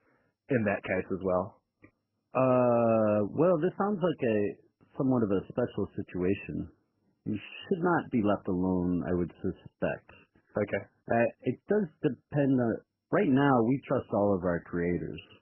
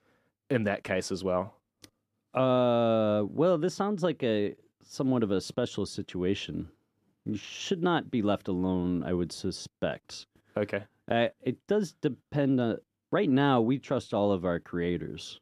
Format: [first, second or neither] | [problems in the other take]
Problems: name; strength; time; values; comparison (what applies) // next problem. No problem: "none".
second | garbled, watery; badly; nothing above 3 kHz